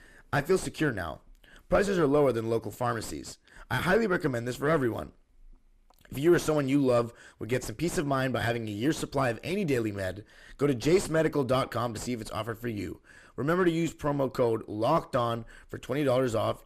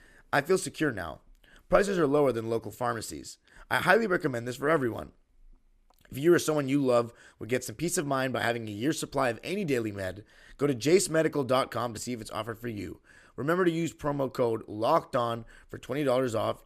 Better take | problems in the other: second | distortion; slight; 8 dB below the speech

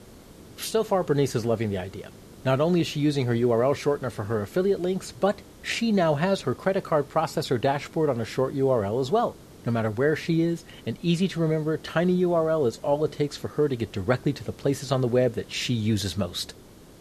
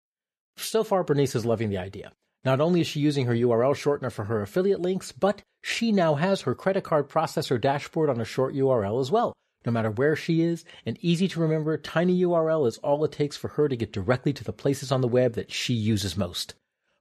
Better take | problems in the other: second | hiss; faint; throughout; 20 dB below the speech

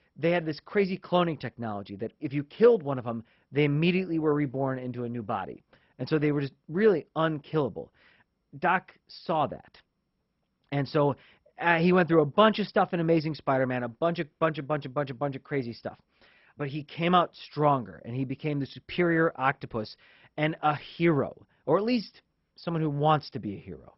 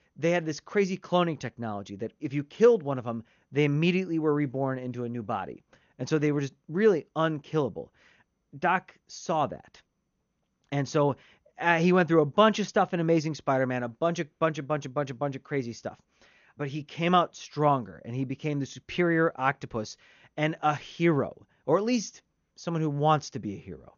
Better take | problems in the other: second | garbled, watery; badly; nothing above 5.5 kHz; slightly in the second

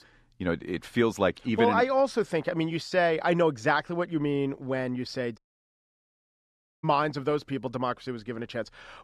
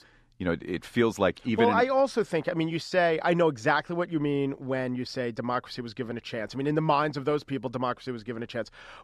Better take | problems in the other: second | audio cutting out; at 5.5 s for 1.5 s

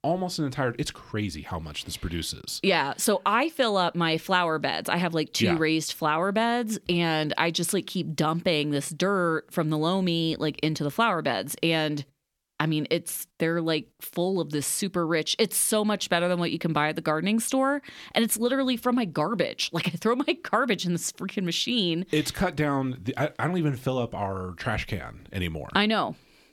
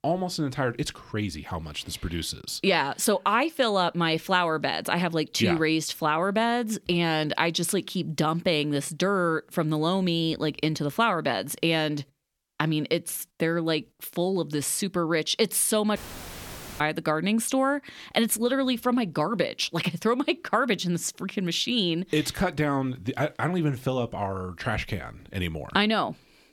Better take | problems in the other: first | audio cutting out; filled with static; at 16 s for 1 s

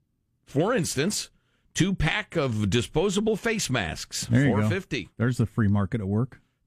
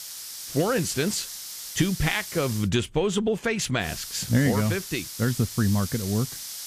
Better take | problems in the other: first | hiss; loud; until 2.5 s and from 4 s on; 9 dB below the speech

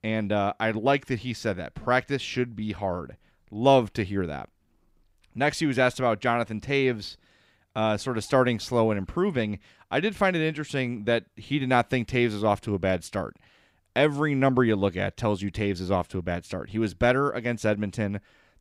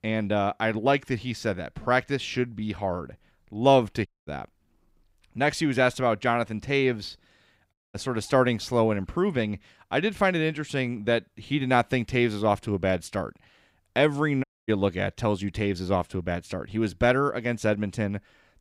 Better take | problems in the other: first | audio cutting out; at 4 s, at 7.5 s and at 14 s

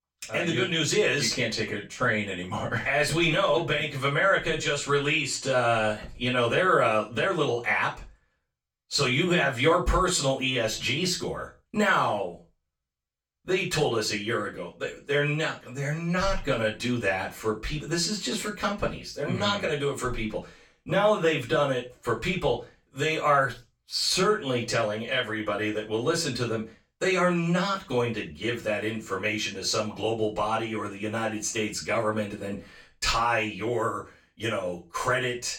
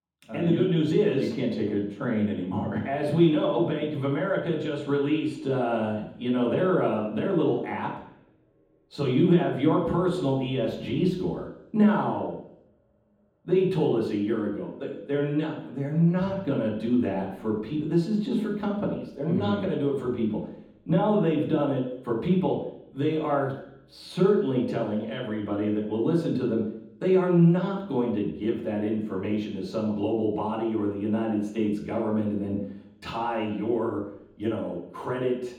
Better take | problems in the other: first | room echo; strong; dies away in 0.9 s; slight in the first // off-mic speech; far; far in the first

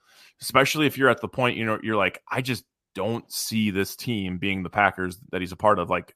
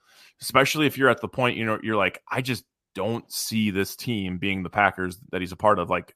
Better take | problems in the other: neither | none

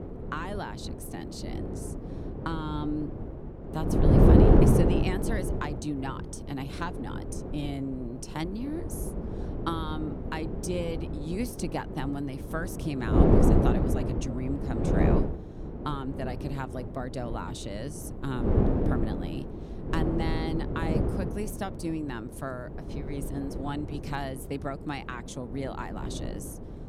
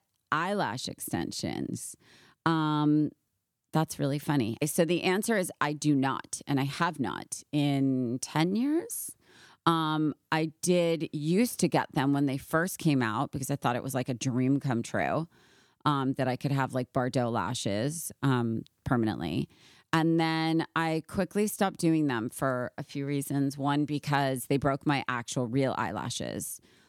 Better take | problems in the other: second | wind noise on the microphone; heavy; 3 dB above the speech

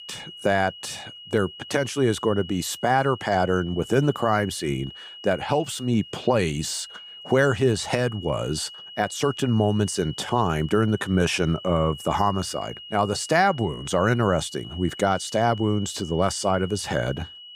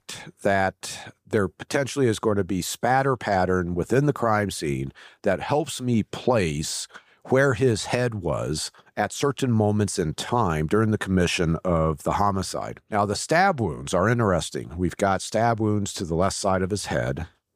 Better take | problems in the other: second | high-pitched whine; noticeable; throughout; 3 kHz, 15 dB below the speech

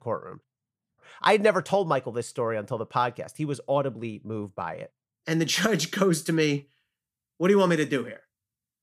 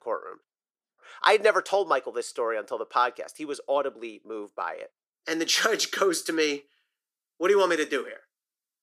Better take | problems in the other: first | thin; very; fading below 350 Hz

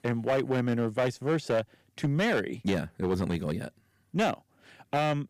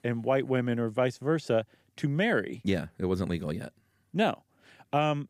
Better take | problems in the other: second | distortion; slight; 6% of the sound clipped

